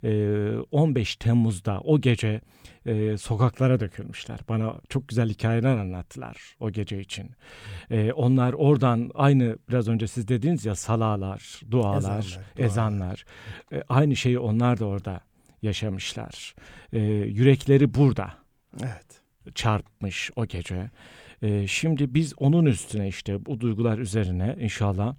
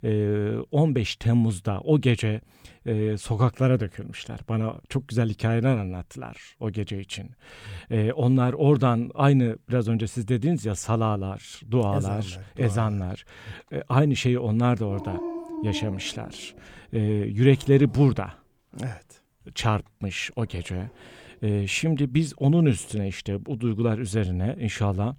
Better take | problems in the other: first | dog barking; noticeable; from 15 to 18 s; peak 8 dB below the speech

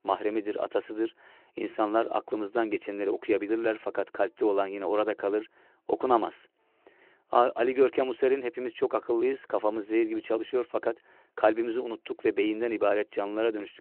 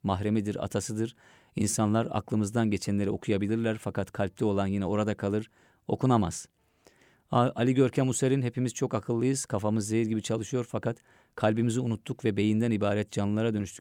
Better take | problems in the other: second | phone-call audio

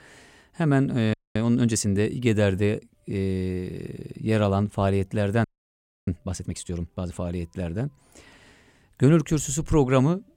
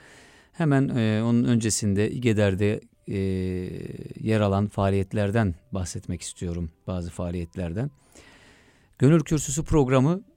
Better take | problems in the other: second | audio freezing; at 1 s and at 5.5 s for 0.5 s

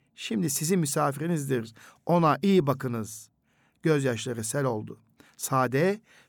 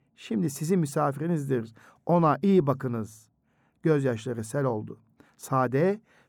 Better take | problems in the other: first | muffled; slightly; fading above 2 kHz

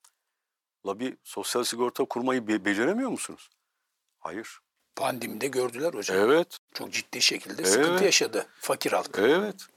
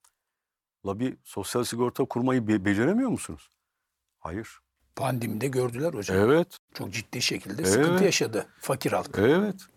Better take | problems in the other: second | thin; very slightly; fading below 300 Hz

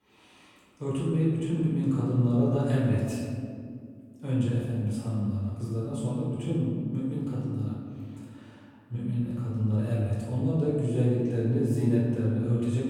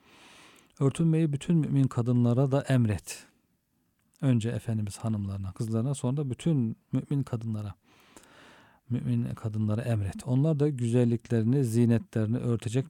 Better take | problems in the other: second | off-mic speech; far // room echo; strong; dies away in 2.2 s

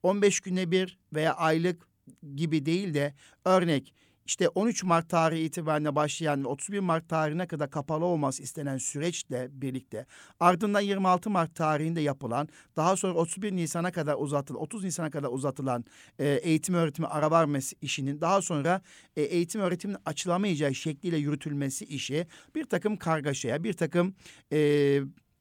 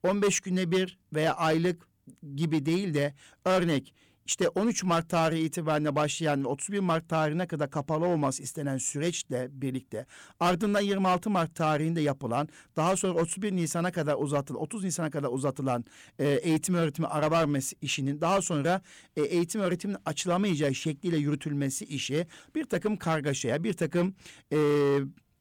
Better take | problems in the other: first | distortion; slight; 6% of the sound clipped

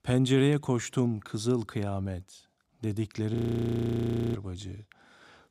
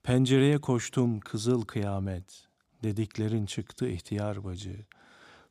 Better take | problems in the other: second | audio freezing; at 3.5 s for 1 s

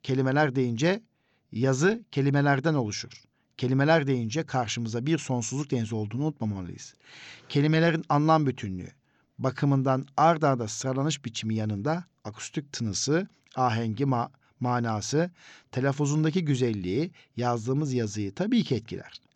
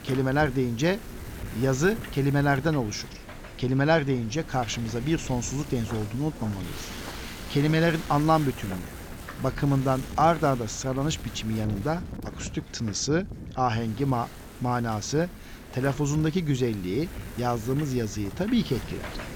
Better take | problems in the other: first | wind noise on the microphone; occasional gusts; 15 dB below the speech

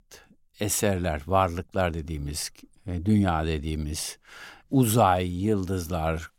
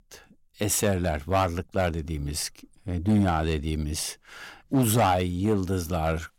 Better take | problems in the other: first | distortion; slight; 3% of the sound clipped

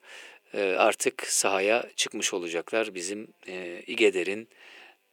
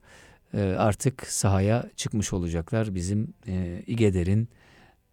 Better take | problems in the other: second | thin; very; fading below 350 Hz

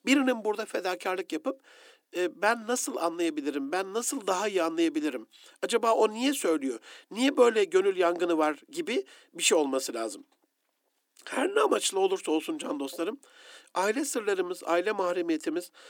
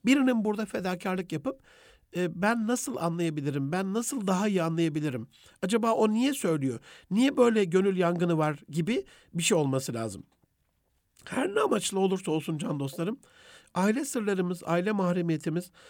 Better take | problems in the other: second | thin; somewhat; fading below 300 Hz

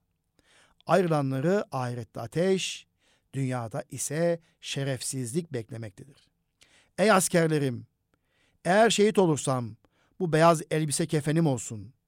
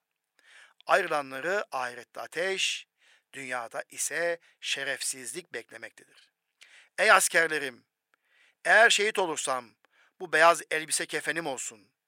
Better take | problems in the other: first | thin; very; fading below 650 Hz

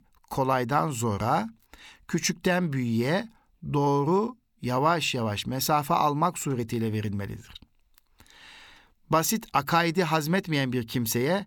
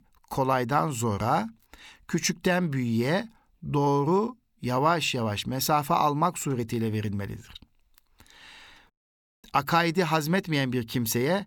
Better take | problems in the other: first | audio cutting out; at 9 s for 0.5 s

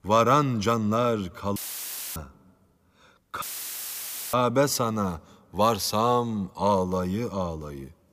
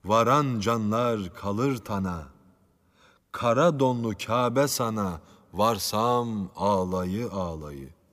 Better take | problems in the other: second | audio cutting out; filled with static; at 1.5 s for 0.5 s and at 3.5 s for 1 s

